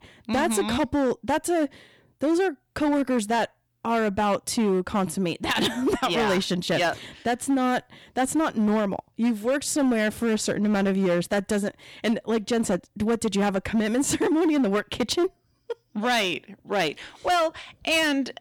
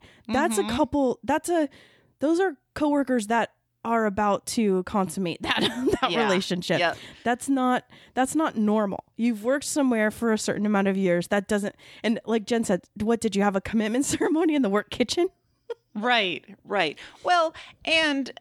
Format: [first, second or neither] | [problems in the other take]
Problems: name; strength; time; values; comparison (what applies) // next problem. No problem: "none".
second | distortion; slight; 11% of the sound clipped